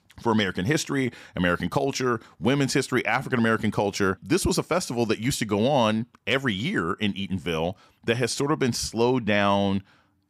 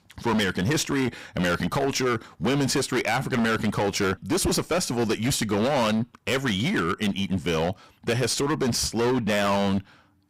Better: first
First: none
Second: distortion; heavy; 20% of the sound clipped

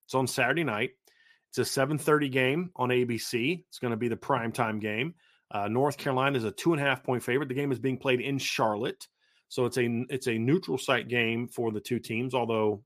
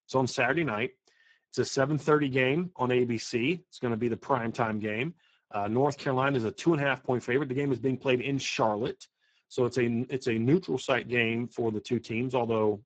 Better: first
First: none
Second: garbled, watery; badly; nothing above 7.5 kHz

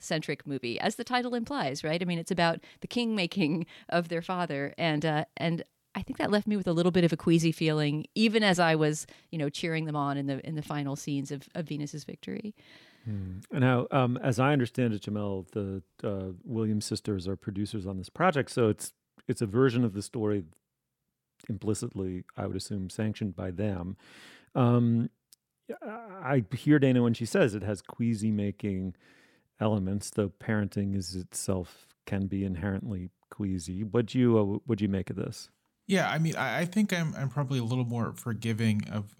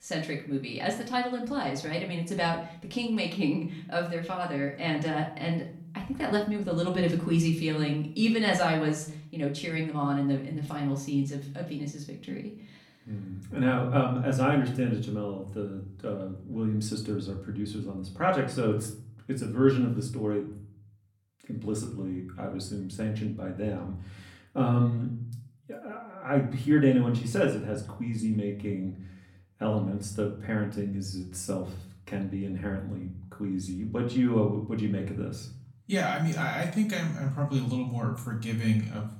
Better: first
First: none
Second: room echo; slight; dies away in 0.5 s // off-mic speech; far

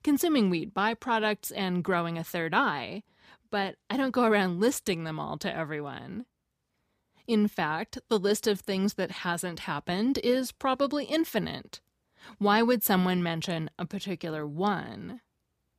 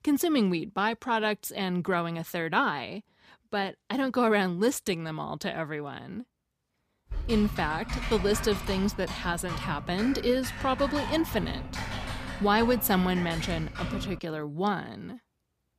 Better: first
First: none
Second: keyboard typing; noticeable; from 7 to 14 s; peak 5 dB below the speech

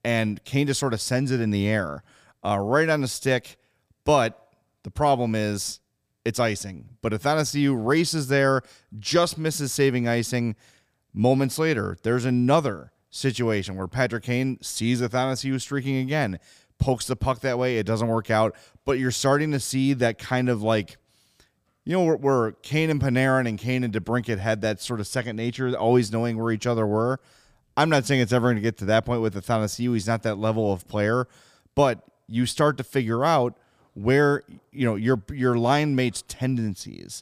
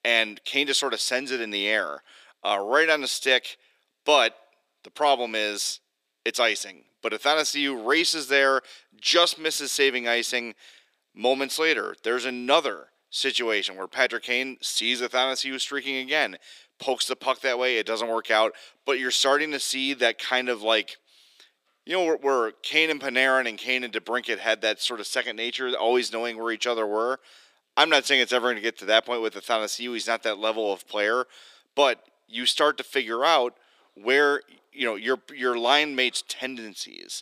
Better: first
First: none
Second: thin; somewhat; fading below 350 Hz

